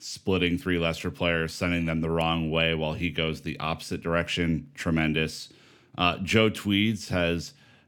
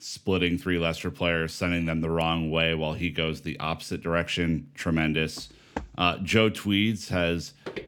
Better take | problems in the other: first | footsteps; faint; at 5.5 s and at 7.5 s; peak 10 dB below the speech

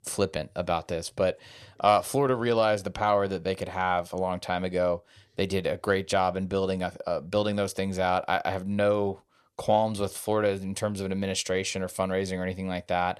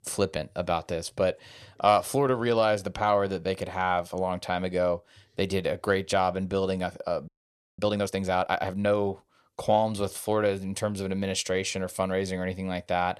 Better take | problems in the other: first | audio freezing; at 7.5 s for 0.5 s

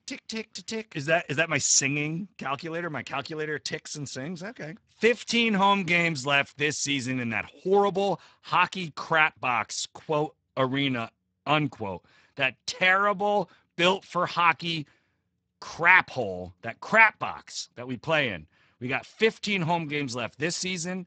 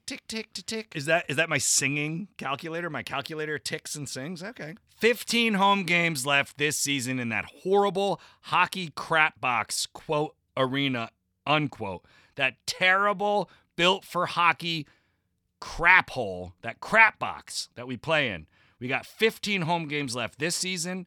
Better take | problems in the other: second | garbled, watery; badly; nothing above 7.5 kHz

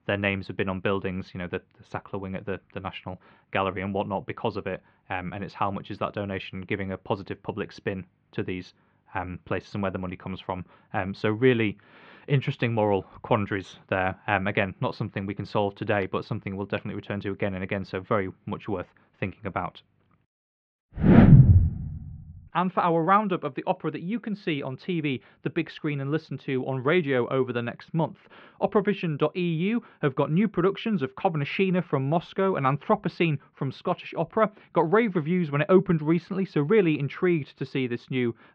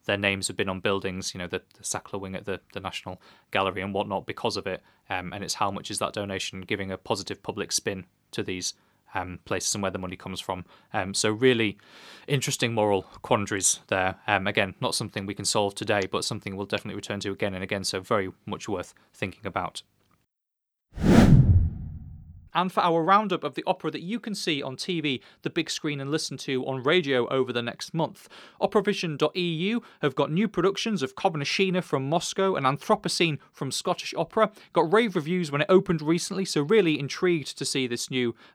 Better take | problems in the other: second | muffled; very; fading above 2.5 kHz

